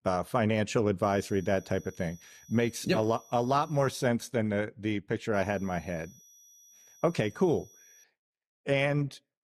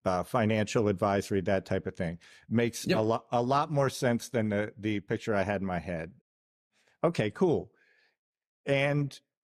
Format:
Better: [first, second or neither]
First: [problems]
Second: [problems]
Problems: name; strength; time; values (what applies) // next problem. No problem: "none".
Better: second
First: high-pitched whine; faint; from 1 to 4 s and from 5.5 to 8 s; 6 kHz, 25 dB below the speech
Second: none